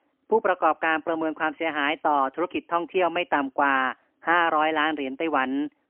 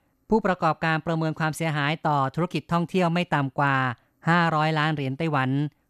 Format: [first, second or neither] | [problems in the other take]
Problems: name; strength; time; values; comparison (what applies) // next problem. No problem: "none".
second | phone-call audio; poor line; nothing above 3 kHz